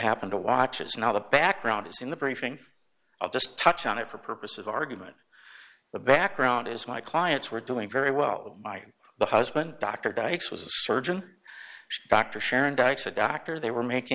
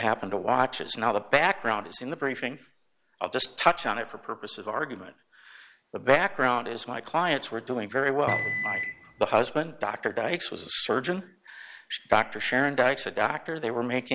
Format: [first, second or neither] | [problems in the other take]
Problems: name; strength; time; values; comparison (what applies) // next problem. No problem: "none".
first | background sound (Microwave oven); 3 dB below the speech